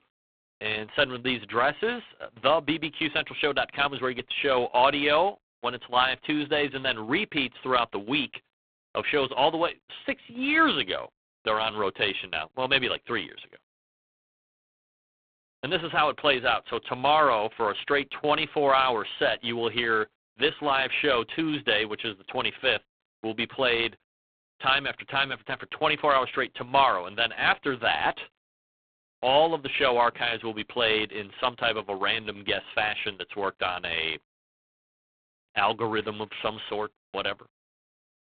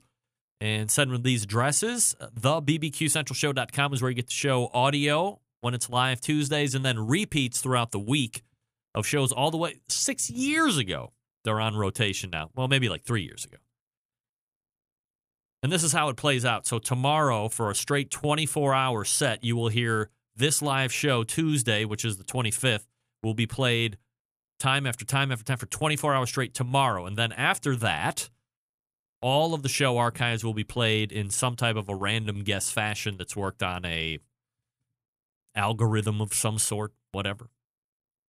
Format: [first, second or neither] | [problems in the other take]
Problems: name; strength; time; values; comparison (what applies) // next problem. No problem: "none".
second | phone-call audio; poor line